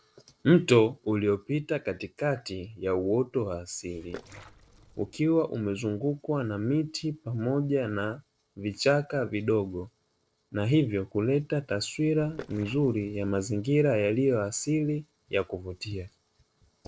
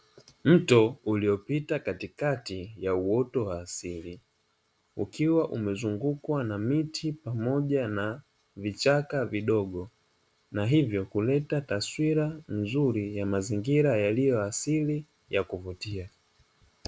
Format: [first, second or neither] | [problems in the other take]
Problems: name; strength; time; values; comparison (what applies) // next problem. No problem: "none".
second | noise reduction (neural separator model SepFormer DNS4)